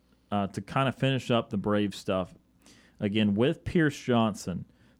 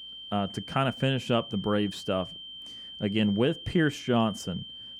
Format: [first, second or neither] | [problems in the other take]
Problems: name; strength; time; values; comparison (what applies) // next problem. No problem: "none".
first | high-pitched whine; noticeable; throughout; 3 kHz, 10 dB below the speech